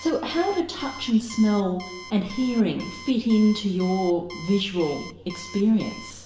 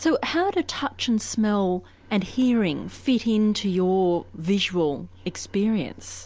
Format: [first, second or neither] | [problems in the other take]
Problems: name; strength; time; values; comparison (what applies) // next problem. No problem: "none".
second | background sound (Alarm); 18 dB below the speech // room echo; dies away in 0.8 s